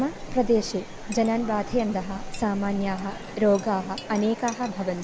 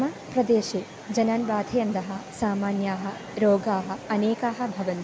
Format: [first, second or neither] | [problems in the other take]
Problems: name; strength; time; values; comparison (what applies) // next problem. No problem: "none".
second | background sound (Chink, clink); 12 dB below the speech